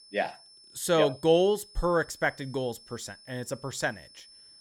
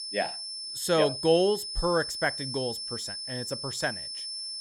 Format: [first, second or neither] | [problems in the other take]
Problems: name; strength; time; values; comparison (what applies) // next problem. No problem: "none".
first | high-pitched whine; loud; throughout; 5.5 kHz, 5 dB below the speech; faint in the first